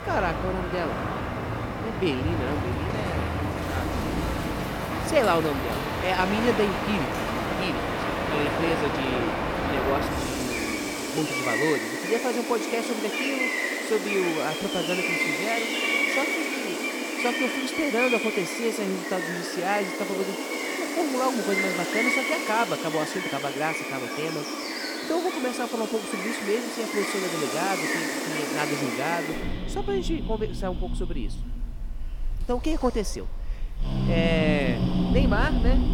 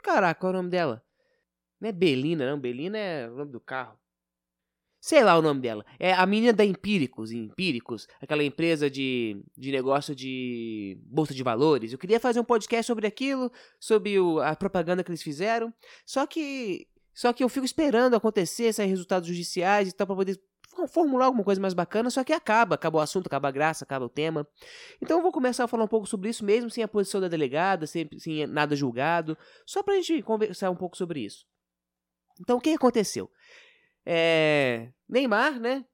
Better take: second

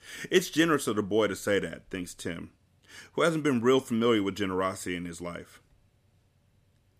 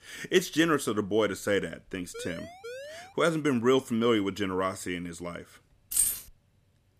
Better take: first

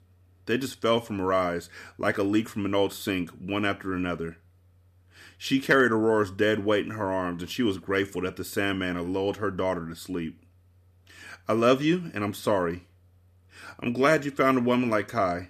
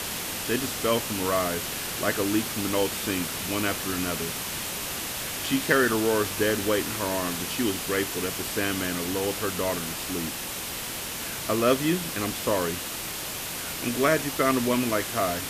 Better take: first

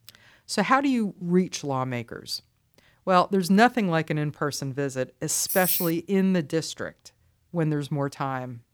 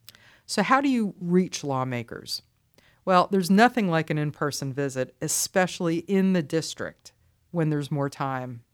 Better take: second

